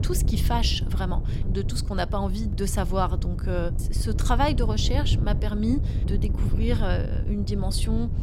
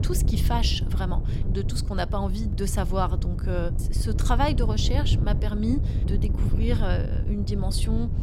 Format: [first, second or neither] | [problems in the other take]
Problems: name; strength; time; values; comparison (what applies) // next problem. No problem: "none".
first | wind noise on the microphone; heavy; 9 dB below the speech; occasional gusts in the first